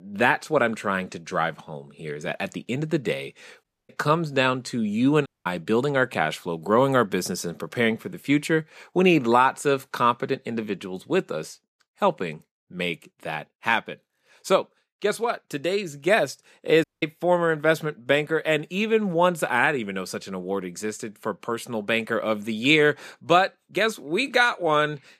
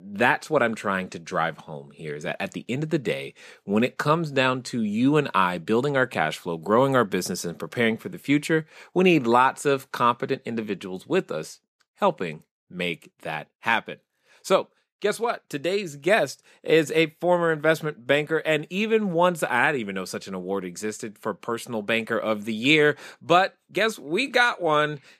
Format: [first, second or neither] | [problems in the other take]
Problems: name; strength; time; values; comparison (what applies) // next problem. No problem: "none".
second | audio cutting out; at 3.5 s, at 5.5 s and at 17 s